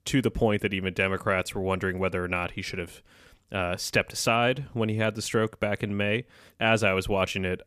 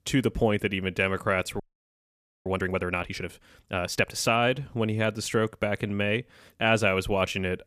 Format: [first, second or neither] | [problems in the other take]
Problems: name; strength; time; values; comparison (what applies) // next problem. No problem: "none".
first | audio freezing; at 1.5 s for 1 s